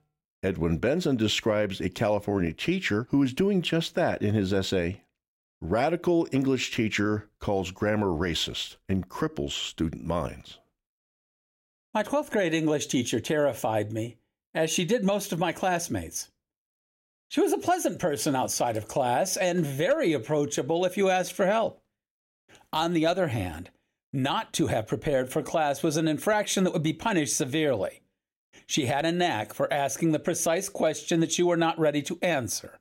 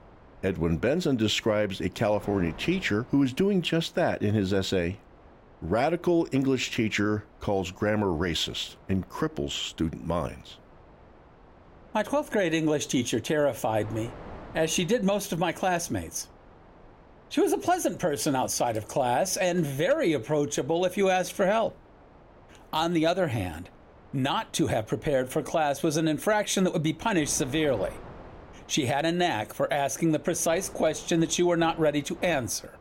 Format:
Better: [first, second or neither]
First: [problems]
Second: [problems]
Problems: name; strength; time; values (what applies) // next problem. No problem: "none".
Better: first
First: none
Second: wind noise on the microphone; occasional gusts; 25 dB below the speech